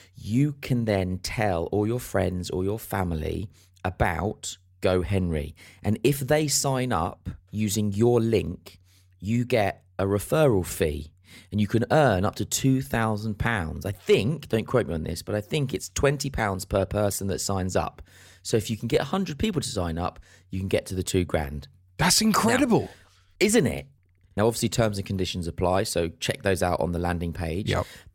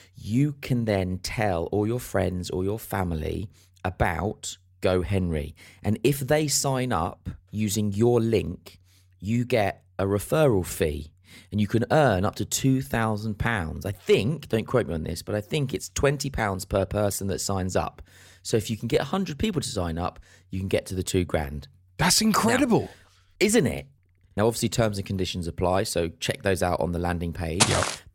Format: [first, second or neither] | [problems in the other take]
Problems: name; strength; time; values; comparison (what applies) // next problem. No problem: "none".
first | footsteps; loud; at 28 s; peak 4 dB above the speech